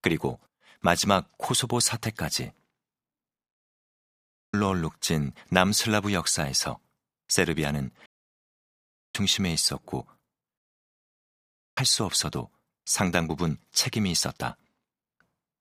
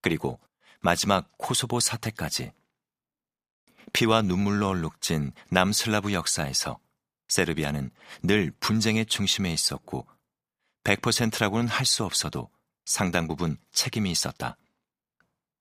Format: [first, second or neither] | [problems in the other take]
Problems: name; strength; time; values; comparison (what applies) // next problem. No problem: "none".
second | audio cutting out; at 3.5 s for 1 s, at 8 s for 1 s and at 11 s for 1 s